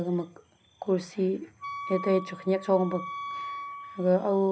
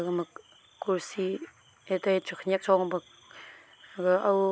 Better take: second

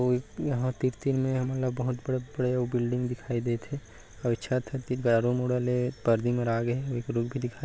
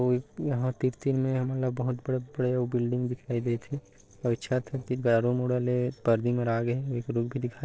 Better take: first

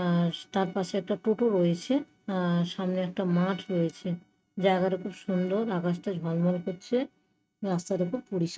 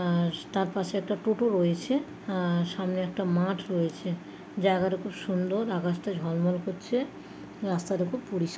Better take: second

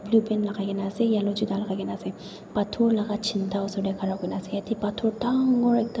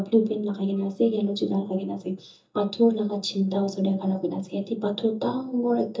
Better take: first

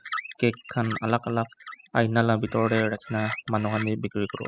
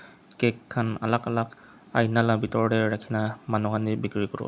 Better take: second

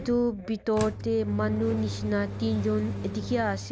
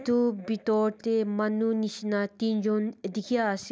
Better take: second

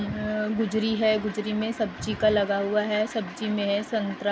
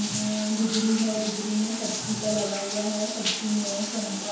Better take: first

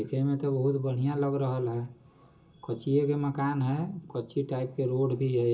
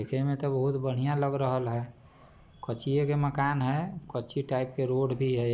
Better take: second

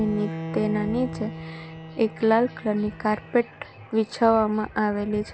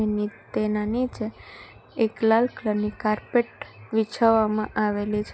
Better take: second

